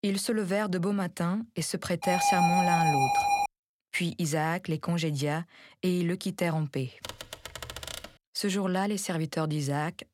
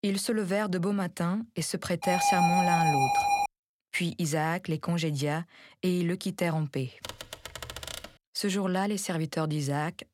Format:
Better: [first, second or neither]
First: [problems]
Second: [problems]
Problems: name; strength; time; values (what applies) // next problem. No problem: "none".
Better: neither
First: alarm; loud; from 2 to 3.5 s; peak 5 dB above the speech // keyboard typing; noticeable; from 7 to 8 s; peak 8 dB below the speech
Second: alarm; loud; from 2 to 3.5 s; peak 5 dB above the speech // keyboard typing; noticeable; from 7 to 8 s; peak 8 dB below the speech